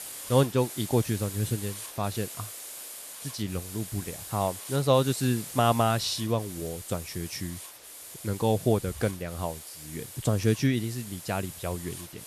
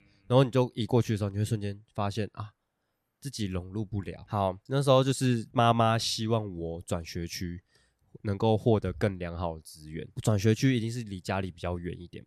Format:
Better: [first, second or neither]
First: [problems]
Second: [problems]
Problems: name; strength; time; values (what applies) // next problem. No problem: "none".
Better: second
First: hiss; noticeable; throughout; 10 dB below the speech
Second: none